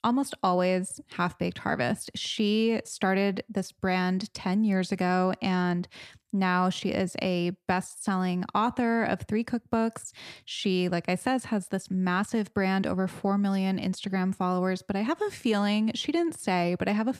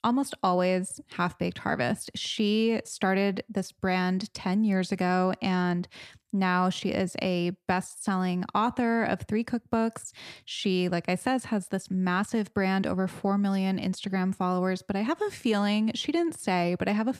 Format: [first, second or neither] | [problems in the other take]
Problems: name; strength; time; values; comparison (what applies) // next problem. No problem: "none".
neither | none